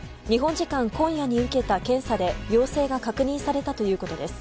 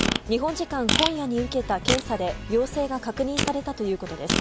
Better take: first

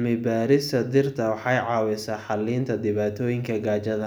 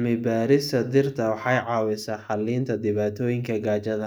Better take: first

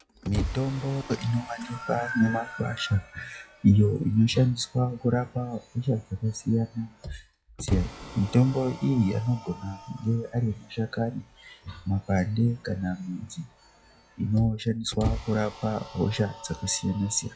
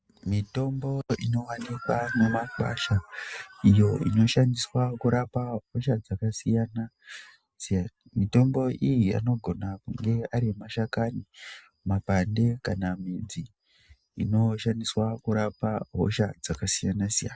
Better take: second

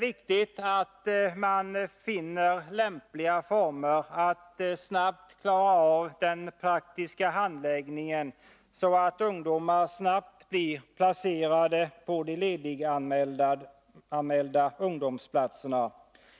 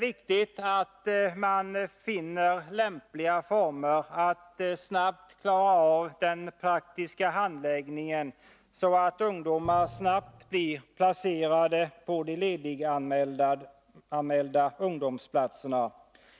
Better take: first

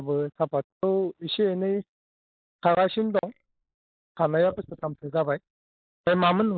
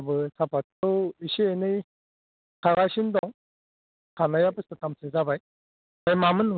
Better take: second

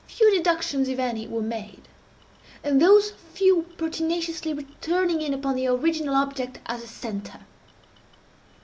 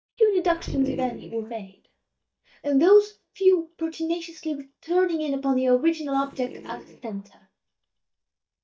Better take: first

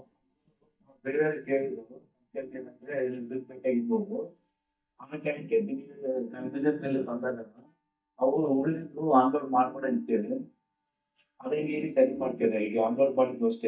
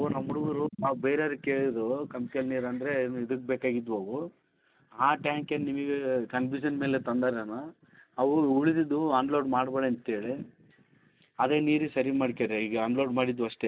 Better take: second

